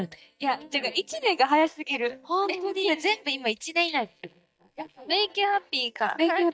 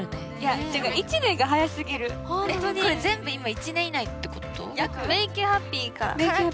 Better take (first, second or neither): second